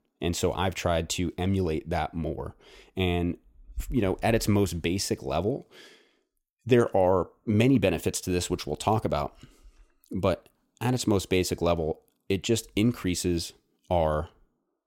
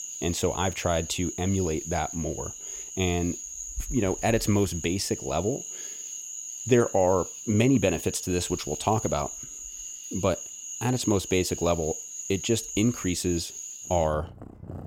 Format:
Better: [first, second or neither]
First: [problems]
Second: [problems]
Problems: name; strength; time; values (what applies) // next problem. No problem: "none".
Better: first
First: none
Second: animal sounds; loud; throughout; 8 dB below the speech